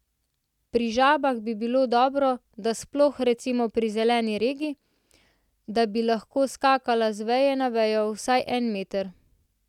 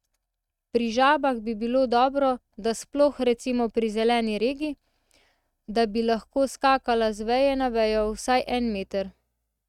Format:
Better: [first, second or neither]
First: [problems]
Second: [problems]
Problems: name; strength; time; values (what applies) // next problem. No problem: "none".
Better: first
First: none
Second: noise reduction (neural mask model RNNoise)